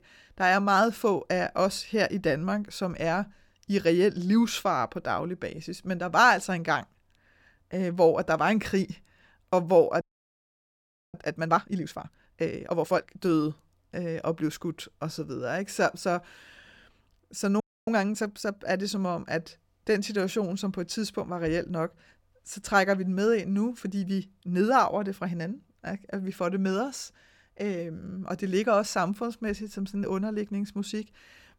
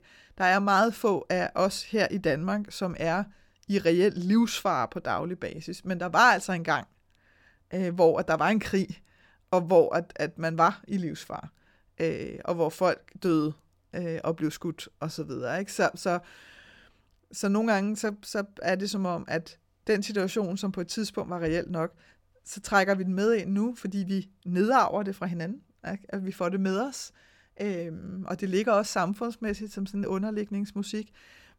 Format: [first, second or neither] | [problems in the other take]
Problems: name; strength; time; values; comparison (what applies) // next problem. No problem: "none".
second | audio freezing; at 10 s for 1 s and at 18 s